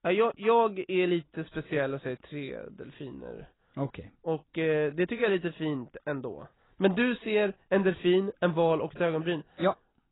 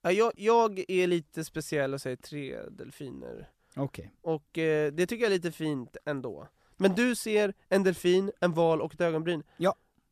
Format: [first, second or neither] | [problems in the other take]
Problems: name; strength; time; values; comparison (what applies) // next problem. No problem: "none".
second | garbled, watery; badly; nothing above 4 kHz